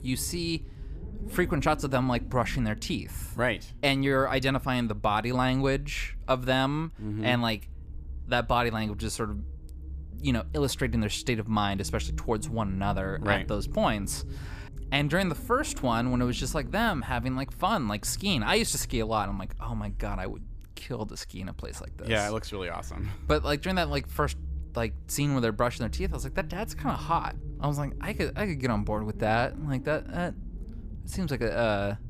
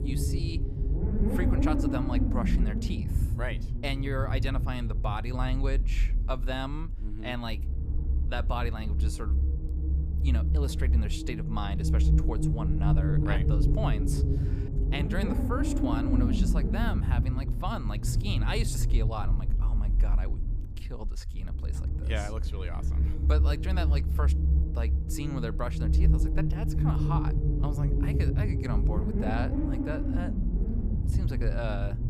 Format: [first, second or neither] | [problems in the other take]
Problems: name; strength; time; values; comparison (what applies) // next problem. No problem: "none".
first | low rumble; loud; throughout; 2 dB below the speech; faint in the first